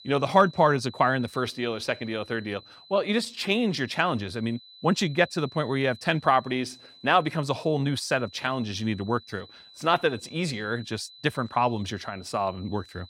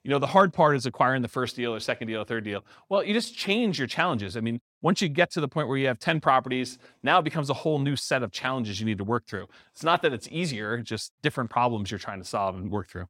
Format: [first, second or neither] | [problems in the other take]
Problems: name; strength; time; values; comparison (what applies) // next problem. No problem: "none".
second | high-pitched whine; faint; throughout; 4 kHz, 20 dB below the speech